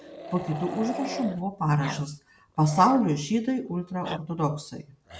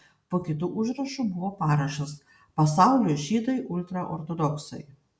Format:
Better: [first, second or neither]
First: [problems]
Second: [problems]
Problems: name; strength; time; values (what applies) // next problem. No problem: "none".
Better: second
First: background sound (Growling); 13 dB below the speech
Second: none